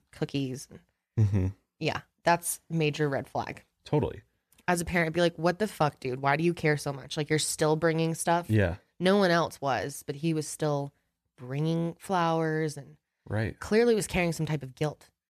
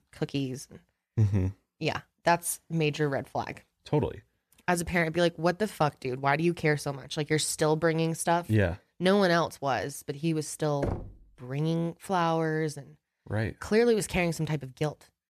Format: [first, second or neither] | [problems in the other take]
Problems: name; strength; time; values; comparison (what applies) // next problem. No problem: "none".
first | door banging; noticeable; at 11 s; peak 6 dB below the speech